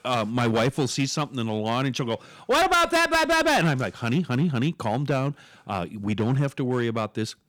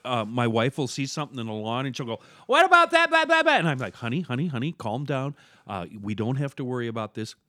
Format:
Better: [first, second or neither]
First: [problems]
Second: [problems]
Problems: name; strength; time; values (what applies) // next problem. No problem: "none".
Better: second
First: distortion; heavy; 10% of the sound clipped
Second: none